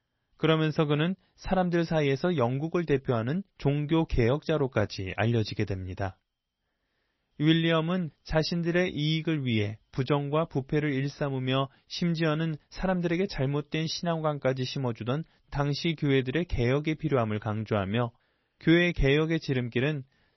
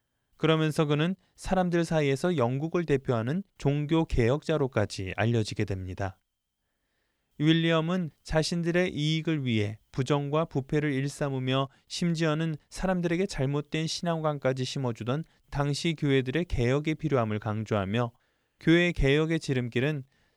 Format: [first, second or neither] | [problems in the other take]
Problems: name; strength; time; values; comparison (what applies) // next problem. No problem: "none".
second | garbled, watery; slightly; nothing above 6 kHz